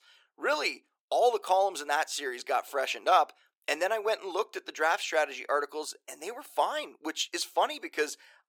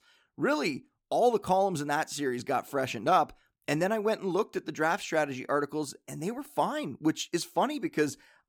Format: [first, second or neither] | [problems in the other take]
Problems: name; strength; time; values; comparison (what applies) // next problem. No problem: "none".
second | thin; very; fading below 450 Hz